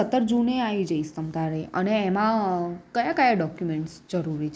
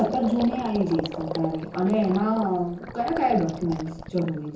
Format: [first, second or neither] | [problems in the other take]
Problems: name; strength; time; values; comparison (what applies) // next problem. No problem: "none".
first | background sound (Gurgling); 10 dB below the speech // room echo; dies away in 0.6 s